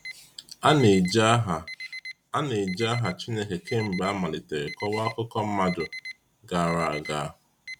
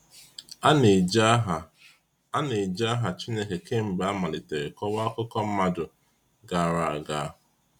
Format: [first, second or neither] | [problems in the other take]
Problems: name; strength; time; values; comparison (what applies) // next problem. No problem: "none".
second | background sound (Alarm); 15 dB below the speech